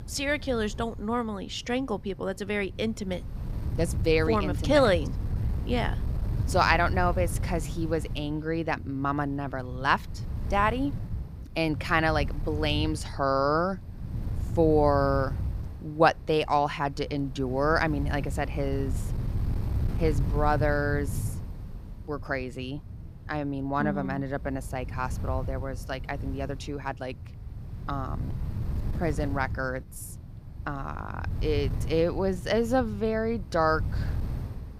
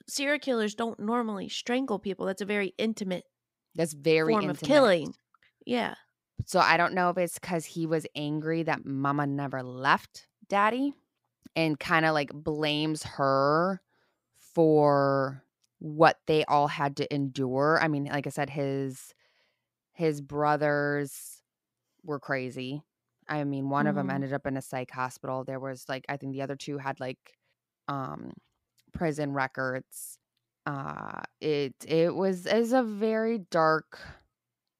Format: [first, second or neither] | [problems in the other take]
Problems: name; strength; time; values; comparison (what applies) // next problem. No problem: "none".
second | wind noise on the microphone; occasional gusts; 20 dB below the speech